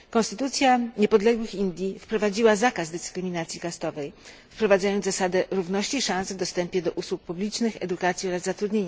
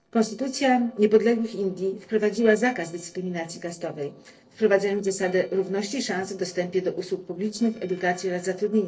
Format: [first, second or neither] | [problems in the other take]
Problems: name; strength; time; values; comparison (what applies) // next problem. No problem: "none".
first | noise reduction (neural separator model SepFormer DNS4)